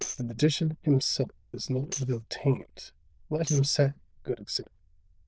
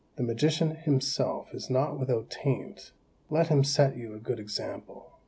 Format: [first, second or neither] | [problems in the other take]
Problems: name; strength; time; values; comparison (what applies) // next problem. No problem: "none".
second | noise reduction (neural diffusion model UNIVERSE++)